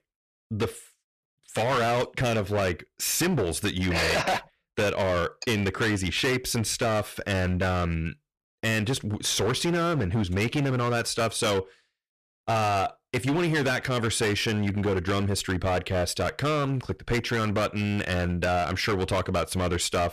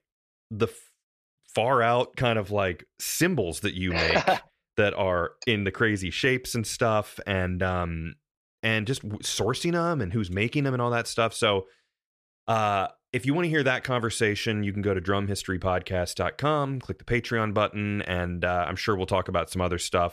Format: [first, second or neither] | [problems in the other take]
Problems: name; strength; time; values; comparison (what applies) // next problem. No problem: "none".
second | distortion; heavy; 18% of the sound clipped